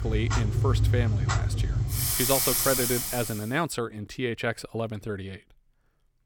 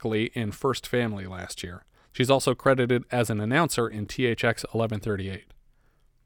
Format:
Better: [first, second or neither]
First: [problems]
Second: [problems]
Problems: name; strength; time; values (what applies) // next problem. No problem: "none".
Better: second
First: household noises; very loud; until 3 s; 5 dB above the speech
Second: none